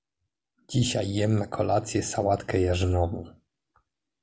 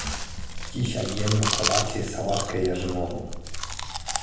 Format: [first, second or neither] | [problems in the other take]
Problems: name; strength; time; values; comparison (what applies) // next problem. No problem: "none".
first | background sound (Chewing, mastication); 1 dB below the speech // room echo; dies away in 0.9 s